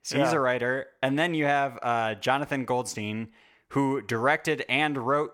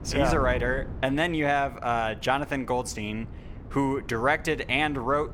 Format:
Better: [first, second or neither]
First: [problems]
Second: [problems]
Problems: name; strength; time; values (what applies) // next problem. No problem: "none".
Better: first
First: none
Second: wind noise on the microphone; occasional gusts; 20 dB below the speech